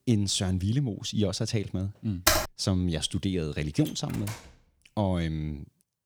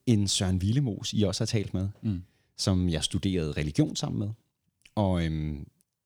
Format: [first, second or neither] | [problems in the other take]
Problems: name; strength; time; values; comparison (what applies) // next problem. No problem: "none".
second | keyboard typing; loud; at 2.5 s; peak 5 dB above the speech // door banging; faint; at 3.5 s; peak 10 dB below the speech